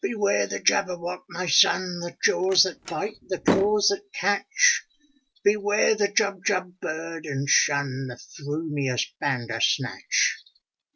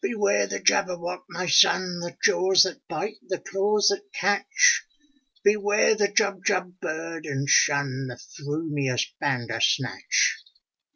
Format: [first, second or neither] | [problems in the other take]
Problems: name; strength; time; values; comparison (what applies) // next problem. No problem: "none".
second | background sound (Slam); 5 dB below the speech